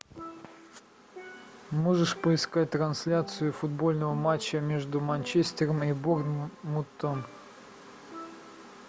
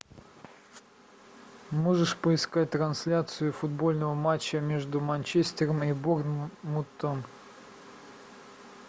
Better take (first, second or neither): second